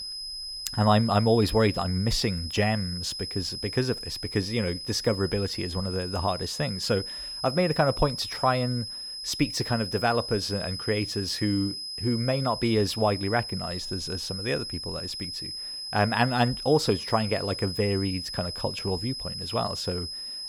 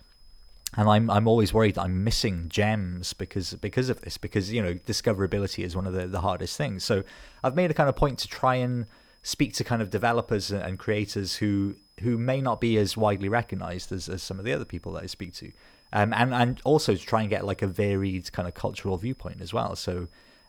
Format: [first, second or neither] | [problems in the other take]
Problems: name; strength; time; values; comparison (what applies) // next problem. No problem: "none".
second | high-pitched whine; loud; throughout; 5 kHz, 6 dB below the speech; faint in the second